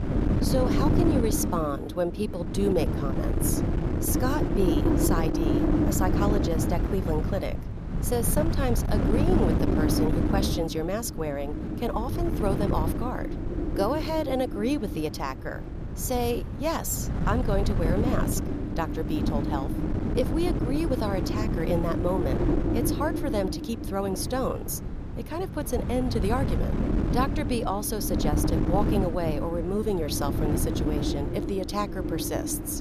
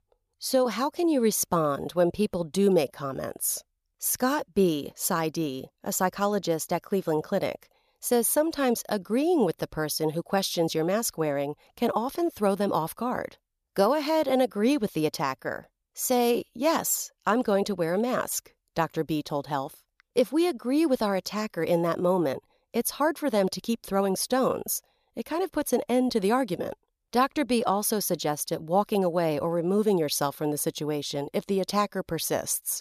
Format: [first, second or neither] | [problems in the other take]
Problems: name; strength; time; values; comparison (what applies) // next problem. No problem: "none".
second | wind noise on the microphone; heavy; 3 dB below the speech